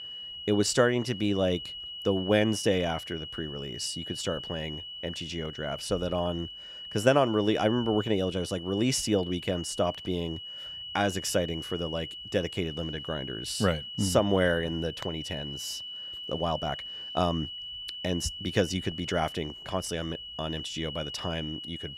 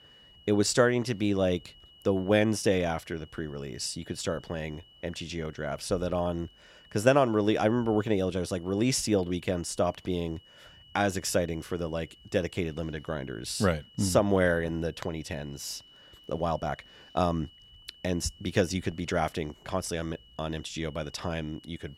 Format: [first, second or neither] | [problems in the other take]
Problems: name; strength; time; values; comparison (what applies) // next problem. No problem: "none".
second | high-pitched whine; loud; throughout; 3 kHz, 8 dB below the speech; faint in the second